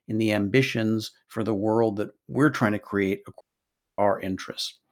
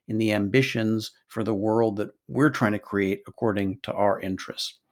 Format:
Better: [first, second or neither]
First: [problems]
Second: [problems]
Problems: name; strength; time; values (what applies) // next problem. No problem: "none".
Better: second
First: audio cutting out; at 3.5 s for 0.5 s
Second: none